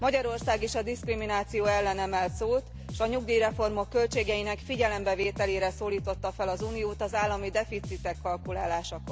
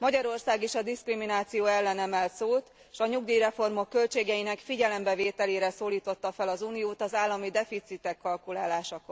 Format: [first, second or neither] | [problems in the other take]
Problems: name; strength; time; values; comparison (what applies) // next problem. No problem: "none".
second | background sound (Bass guitar); 10 dB below the speech